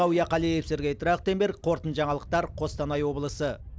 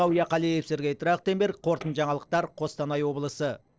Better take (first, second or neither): first